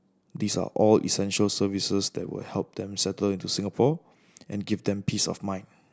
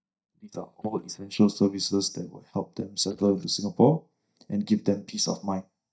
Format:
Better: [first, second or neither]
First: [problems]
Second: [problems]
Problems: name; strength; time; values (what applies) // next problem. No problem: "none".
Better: first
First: none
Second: noise reduction (neural mask model DeepFilterNet 3)